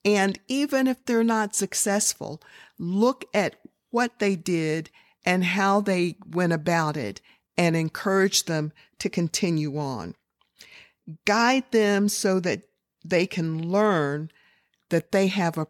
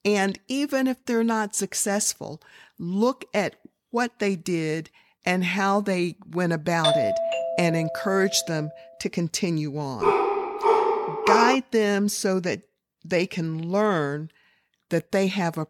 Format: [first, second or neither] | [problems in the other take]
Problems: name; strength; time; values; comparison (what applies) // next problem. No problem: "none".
first | doorbell; loud; from 7 to 8.5 s; peak 3 dB above the speech // dog barking; loud; from 10 to 12 s; peak 5 dB above the speech